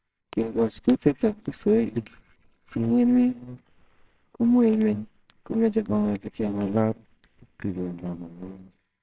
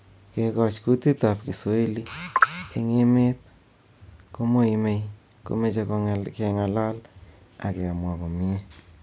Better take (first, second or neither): second